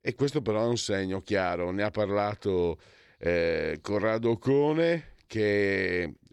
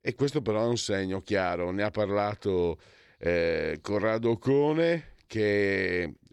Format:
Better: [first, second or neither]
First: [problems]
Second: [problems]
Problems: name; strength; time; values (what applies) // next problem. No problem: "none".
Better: neither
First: none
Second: none